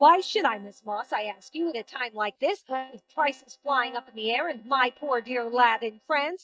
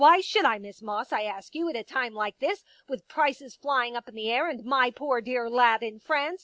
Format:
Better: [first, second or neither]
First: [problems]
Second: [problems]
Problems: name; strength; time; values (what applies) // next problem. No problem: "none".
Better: second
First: noise reduction (neural mask model DeepFilterNet 3)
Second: none